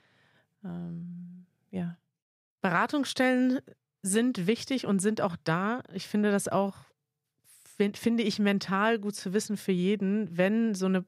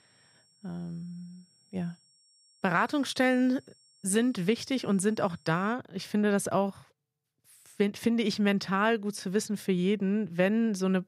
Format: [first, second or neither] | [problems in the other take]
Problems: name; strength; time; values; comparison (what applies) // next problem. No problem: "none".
first | high-pitched whine; faint; until 5.5 s; 5.5 kHz, 35 dB below the speech